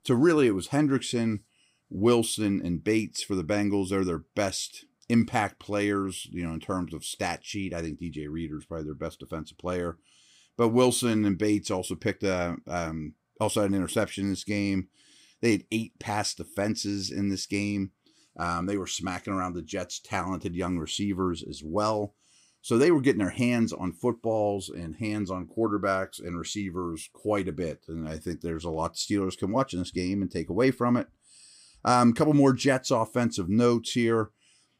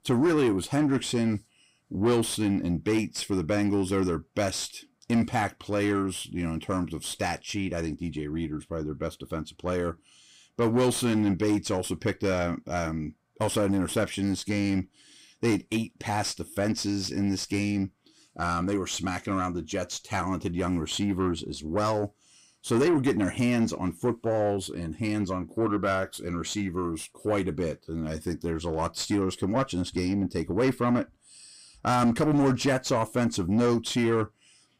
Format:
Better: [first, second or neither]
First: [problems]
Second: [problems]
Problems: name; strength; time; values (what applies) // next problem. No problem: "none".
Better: first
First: none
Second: distortion; slight; 10 dB below the speech